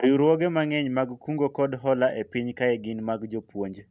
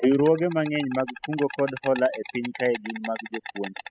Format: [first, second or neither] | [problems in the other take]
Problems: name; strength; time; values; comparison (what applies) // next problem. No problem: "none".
first | noise reduction (classical method spectral subtraction)